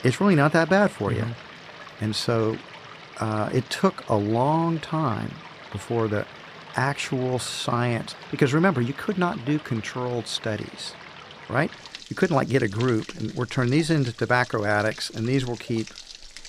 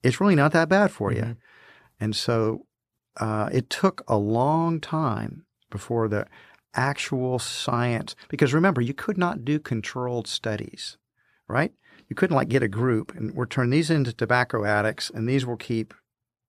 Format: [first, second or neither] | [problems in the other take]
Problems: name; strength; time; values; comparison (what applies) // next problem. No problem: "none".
second | rain or running water; noticeable; throughout; 15 dB below the speech